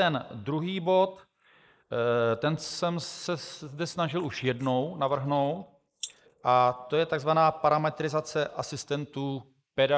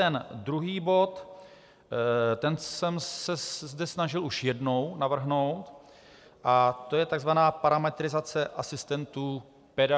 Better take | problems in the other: second | noise reduction (neural mask model Resemble Enhance denoiser)

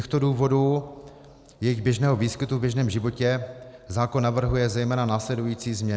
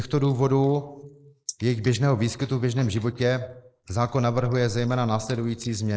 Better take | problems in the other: first | noise reduction (neural mask model Resemble Enhance denoiser)

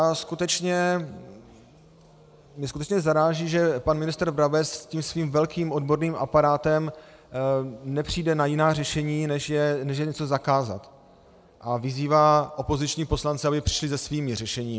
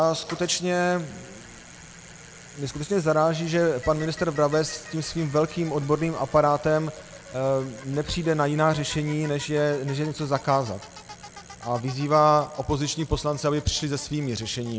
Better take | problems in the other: first | background sound (Bicycle); 19 dB below the speech

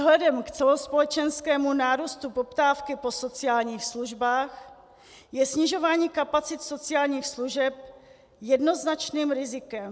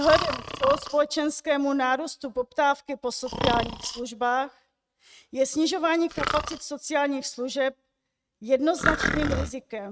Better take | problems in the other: first | noise reduction (neural mask model RNNoise)

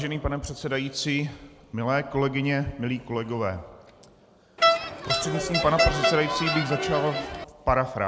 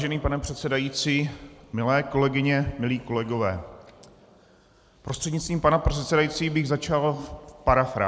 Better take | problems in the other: second | background sound (Crowd); 2 dB above the speech

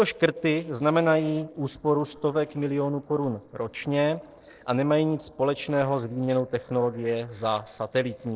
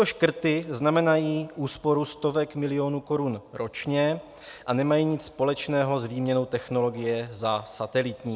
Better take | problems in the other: second | noise reduction (neural separator model SepFormer DNS4)

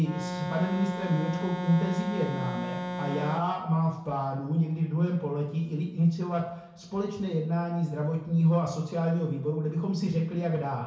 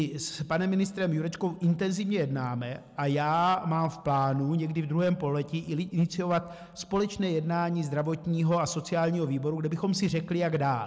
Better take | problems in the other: second | background sound (Organ); 5 dB below the speech // room echo; dies away in 0.6 s

